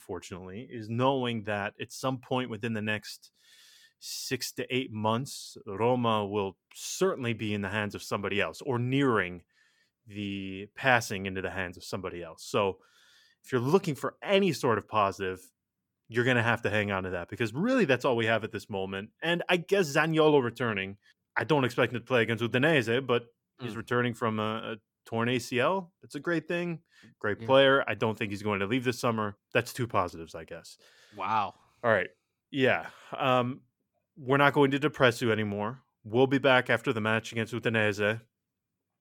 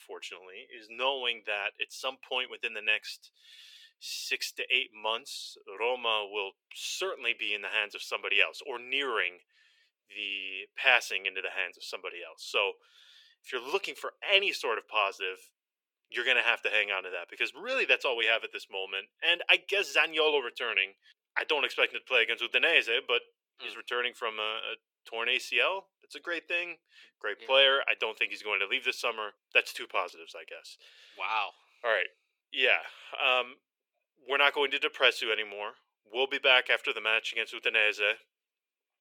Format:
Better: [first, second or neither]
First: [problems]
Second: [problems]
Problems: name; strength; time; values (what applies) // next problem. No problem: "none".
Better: first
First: none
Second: thin; very; fading below 450 Hz